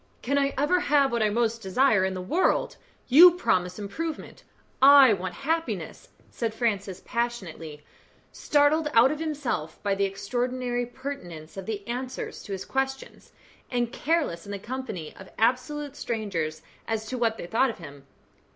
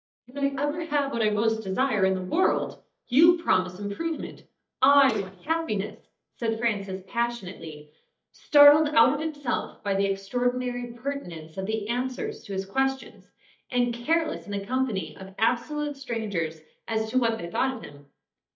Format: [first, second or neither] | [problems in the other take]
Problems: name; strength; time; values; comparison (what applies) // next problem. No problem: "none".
first | noise reduction (neural mask model DeepFilterNet 3)